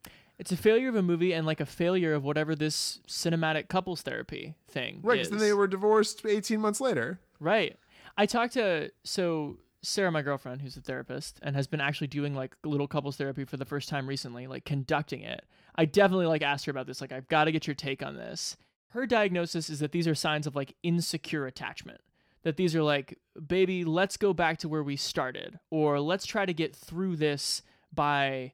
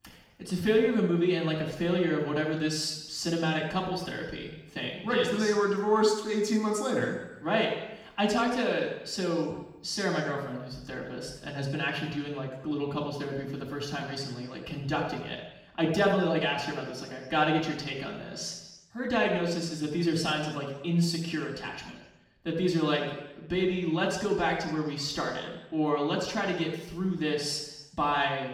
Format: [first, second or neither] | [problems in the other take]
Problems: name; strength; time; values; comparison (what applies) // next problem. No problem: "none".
first | room echo; noticeable; dies away in 0.9 s // off-mic speech; far